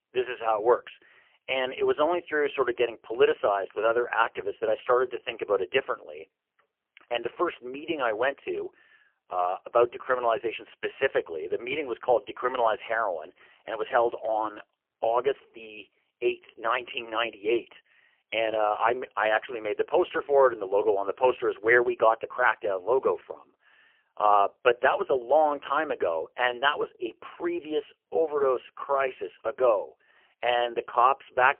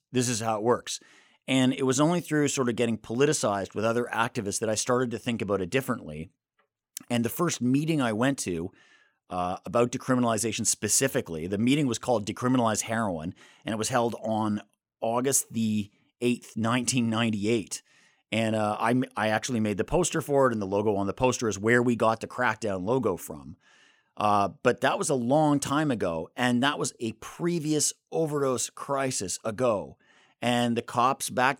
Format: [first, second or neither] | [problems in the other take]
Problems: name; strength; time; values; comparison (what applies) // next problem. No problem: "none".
second | phone-call audio; poor line; nothing above 3 kHz